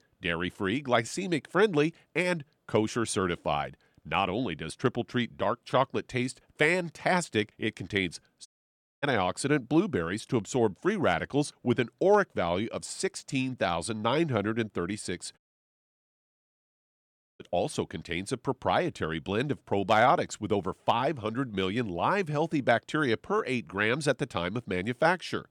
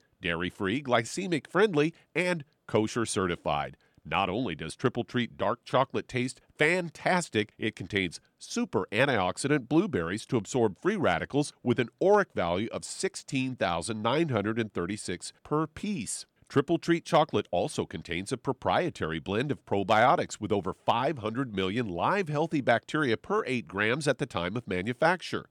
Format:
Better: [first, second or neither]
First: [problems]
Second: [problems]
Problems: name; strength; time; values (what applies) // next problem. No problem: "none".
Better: second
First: audio cutting out; at 8.5 s for 0.5 s and at 15 s for 2 s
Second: none